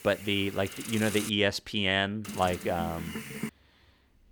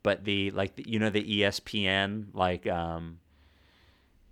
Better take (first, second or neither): second